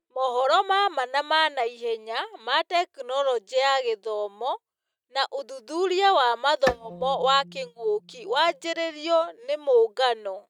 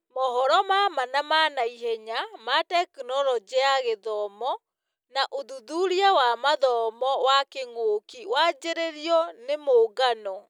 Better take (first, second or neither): second